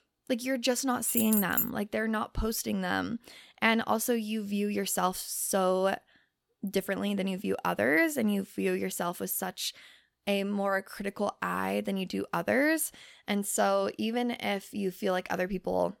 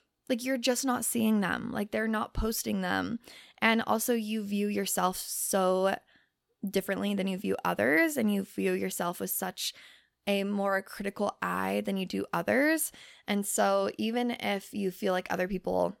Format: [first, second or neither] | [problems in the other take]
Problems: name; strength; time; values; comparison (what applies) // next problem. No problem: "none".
second | jangling keys; loud; at 1 s; peak 2 dB above the speech